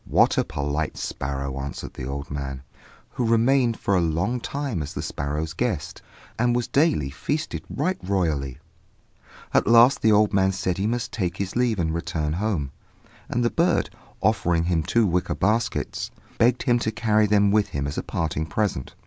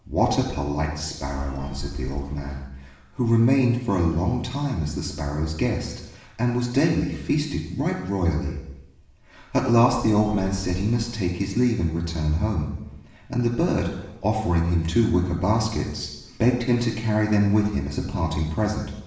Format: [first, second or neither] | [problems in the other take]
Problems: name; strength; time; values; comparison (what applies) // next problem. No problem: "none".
first | background sound (Telephone); 11 dB below the speech // room echo; dies away in 0.9 s